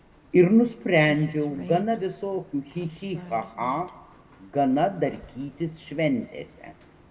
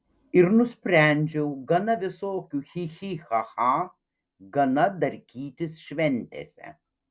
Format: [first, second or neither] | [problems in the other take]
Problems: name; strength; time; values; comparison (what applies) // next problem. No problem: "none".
second | background sound (Rain); 20 dB below the speech // room echo; dies away in 1.1 s